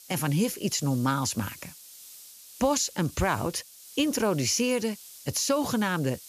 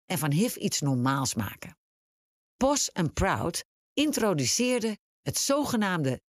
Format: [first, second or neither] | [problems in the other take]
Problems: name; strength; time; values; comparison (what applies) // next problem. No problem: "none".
second | hiss; noticeable; throughout; 15 dB below the speech